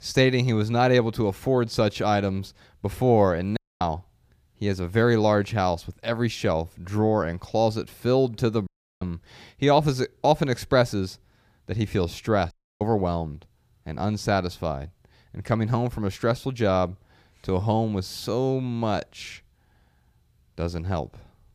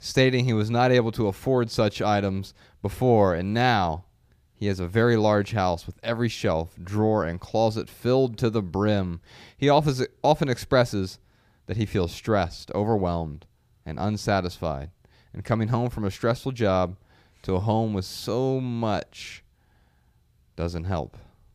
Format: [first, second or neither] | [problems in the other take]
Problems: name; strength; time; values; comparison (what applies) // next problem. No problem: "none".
second | audio cutting out; at 3.5 s, at 8.5 s and at 13 s